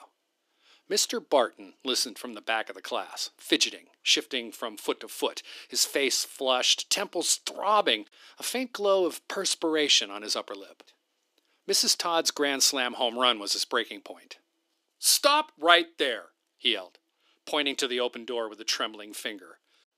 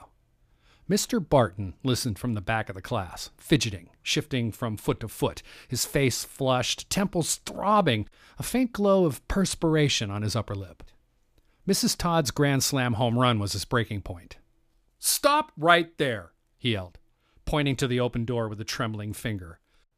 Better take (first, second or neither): second